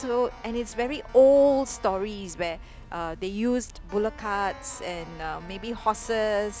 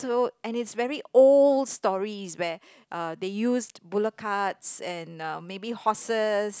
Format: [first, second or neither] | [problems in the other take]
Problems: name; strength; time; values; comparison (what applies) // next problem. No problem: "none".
second | background sound (Keyboard (musical)); 17 dB below the speech